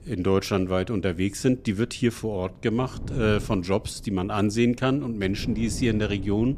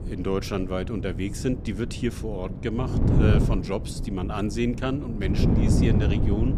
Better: first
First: wind noise on the microphone; occasional gusts; 20 dB below the speech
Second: wind noise on the microphone; heavy; 4 dB below the speech

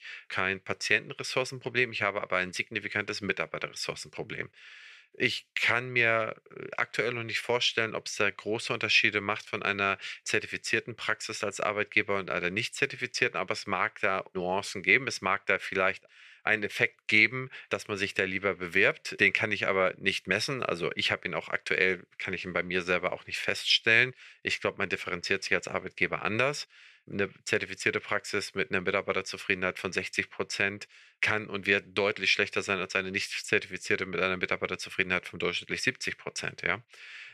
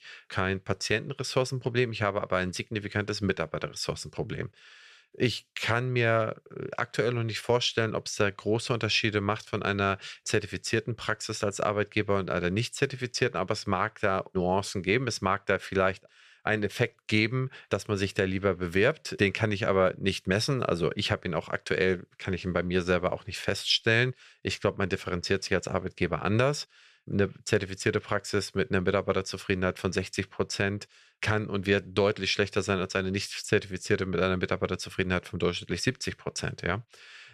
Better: second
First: thin; somewhat; fading below 300 Hz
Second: none

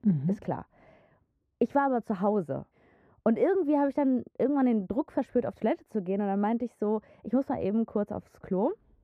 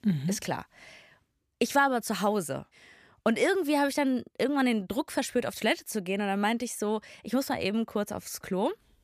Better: second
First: muffled; very; fading above 2 kHz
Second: none

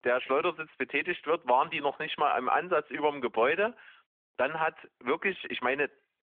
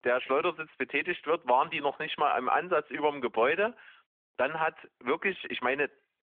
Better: neither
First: phone-call audio; nothing above 3.5 kHz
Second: phone-call audio; nothing above 3.5 kHz

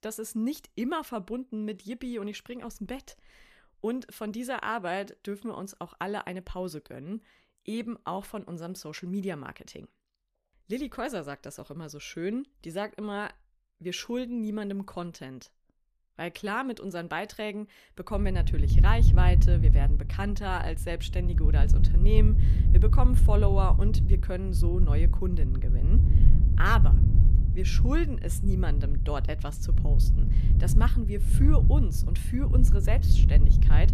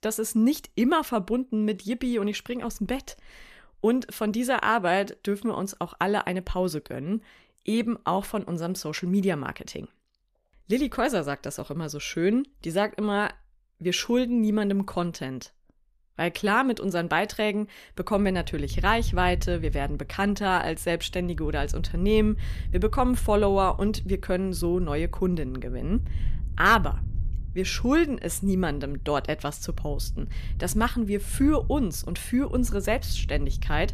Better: second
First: low rumble; loud; from 18 s on; 6 dB below the speech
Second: low rumble; faint; from 18 s on; 25 dB below the speech

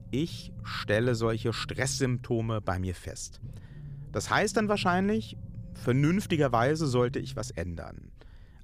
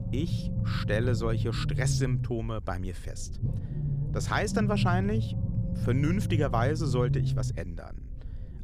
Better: first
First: low rumble; faint; throughout; 25 dB below the speech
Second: low rumble; loud; throughout; 8 dB below the speech

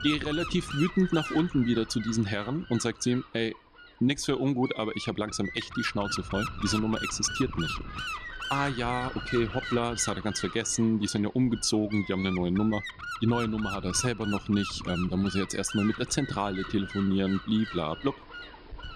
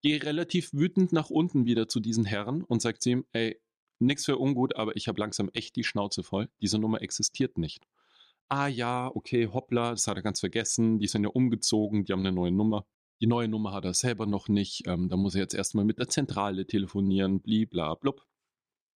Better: second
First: wind noise on the microphone; heavy; 5 dB below the speech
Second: none

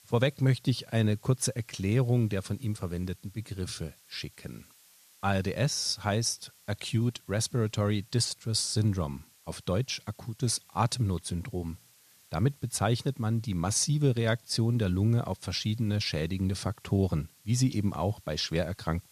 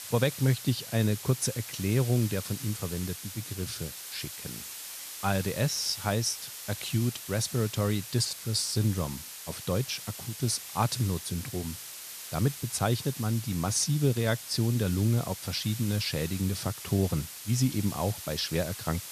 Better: first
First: hiss; faint; throughout; 25 dB below the speech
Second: hiss; loud; throughout; 9 dB below the speech

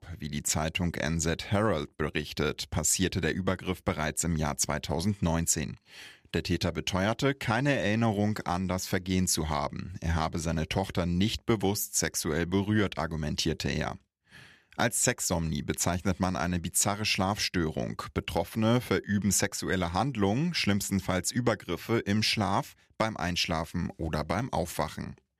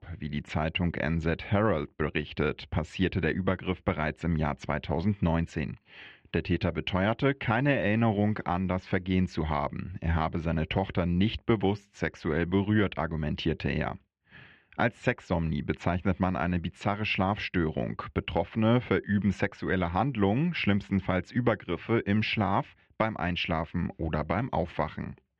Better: first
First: none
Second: muffled; very; fading above 3 kHz

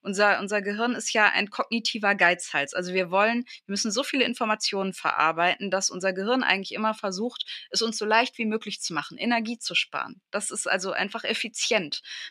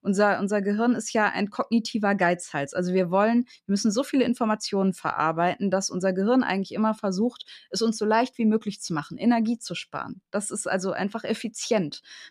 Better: second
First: thin; very slightly; fading below 800 Hz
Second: none

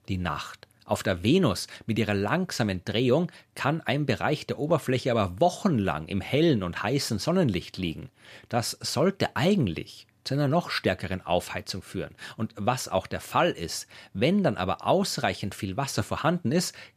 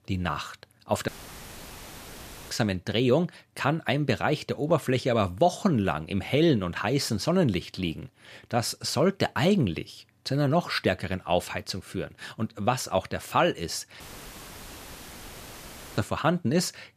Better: first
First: none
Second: audio cutting out; filled with static; at 1 s for 1.5 s and at 14 s for 2 s

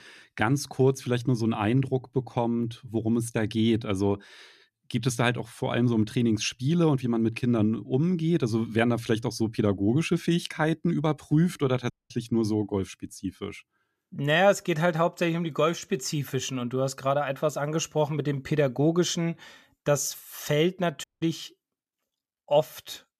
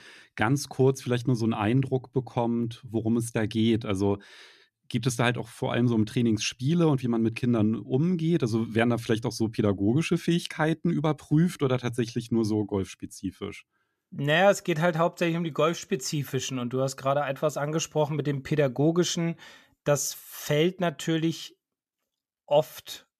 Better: second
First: audio cutting out; at 12 s and at 21 s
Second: none

